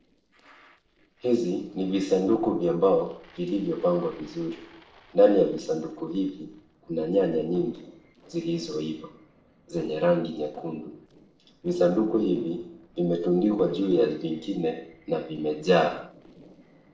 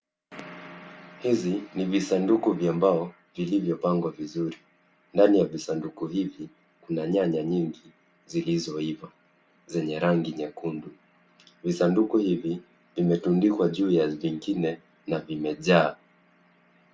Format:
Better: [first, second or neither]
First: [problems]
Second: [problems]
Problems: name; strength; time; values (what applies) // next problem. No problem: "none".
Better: second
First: noise reduction (neural separator model SepFormer DNS4)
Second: none